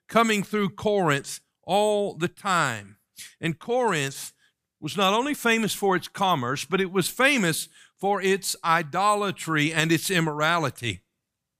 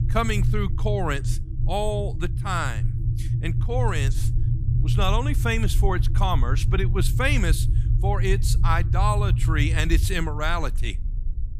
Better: first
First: none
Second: low rumble; noticeable; throughout; 10 dB below the speech

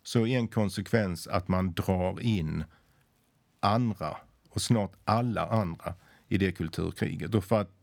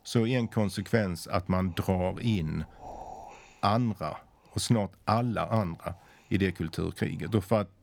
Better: first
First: none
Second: wind noise on the microphone; occasional gusts; 20 dB below the speech

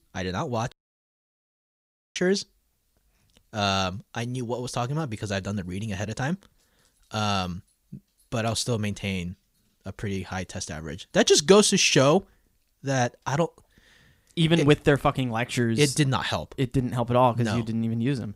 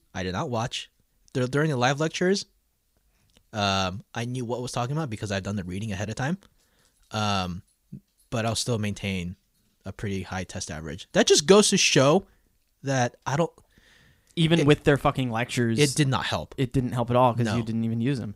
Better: second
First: audio cutting out; at 0.5 s for 1.5 s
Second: none

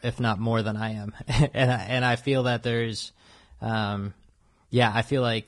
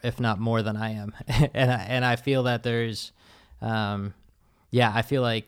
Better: second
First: garbled, watery; badly; nothing above 10 kHz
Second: none

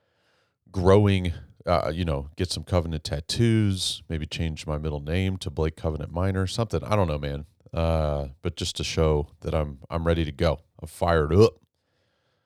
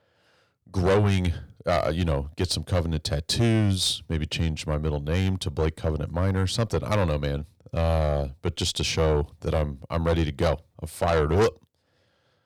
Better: first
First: none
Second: distortion; heavy; 7 dB below the speech

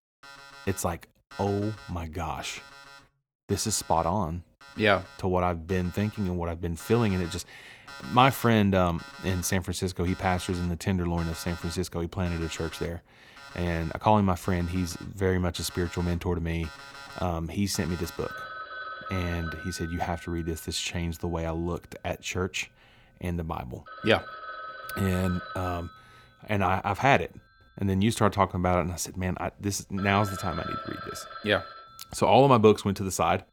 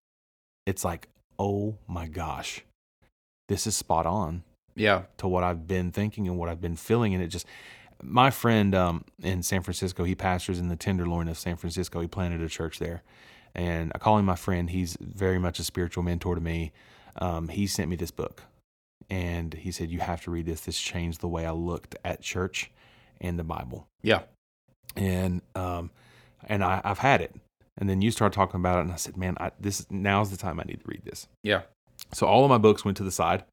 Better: second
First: alarms or sirens; noticeable; throughout; 15 dB below the speech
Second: none

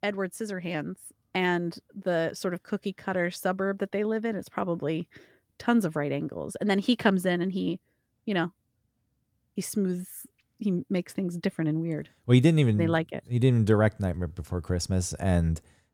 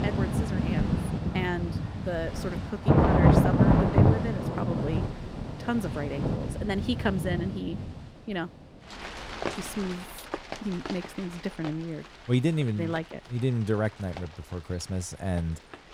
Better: first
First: none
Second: rain or running water; very loud; throughout; 5 dB above the speech

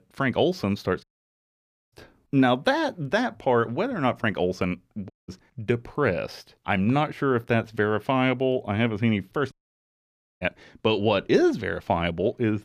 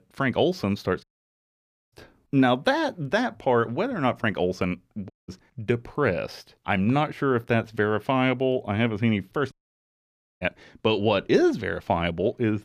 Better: neither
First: audio cutting out; at 1 s for 1 s, at 5 s and at 9.5 s for 1 s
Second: audio cutting out; at 1 s for 1 s, at 5 s and at 9.5 s for 1 s

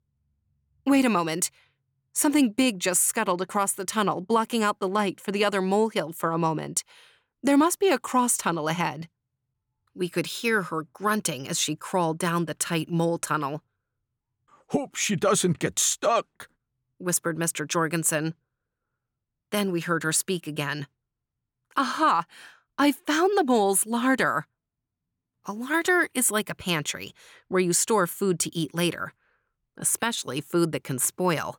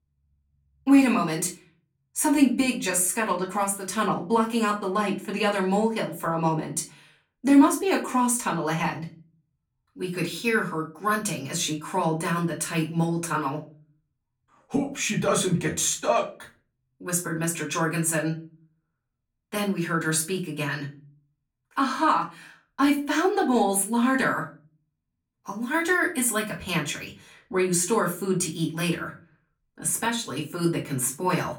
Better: first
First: none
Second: off-mic speech; far // room echo; very slight; dies away in 0.3 s

